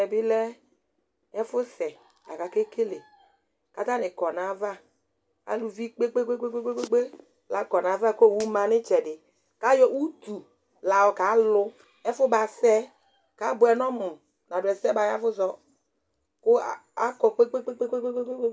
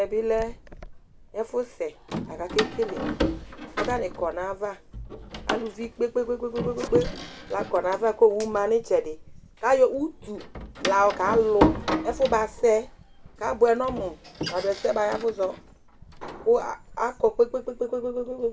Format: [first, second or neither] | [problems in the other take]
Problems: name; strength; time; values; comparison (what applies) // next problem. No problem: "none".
first | background sound (Door); 7 dB below the speech